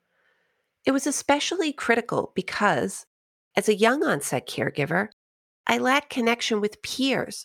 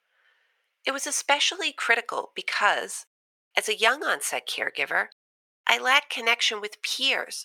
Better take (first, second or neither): first